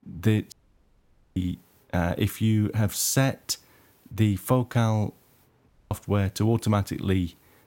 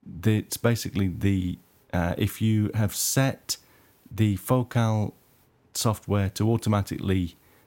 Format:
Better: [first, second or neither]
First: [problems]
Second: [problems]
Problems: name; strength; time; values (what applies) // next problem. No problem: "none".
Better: second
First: audio cutting out; at 0.5 s for 1 s and at 5.5 s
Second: none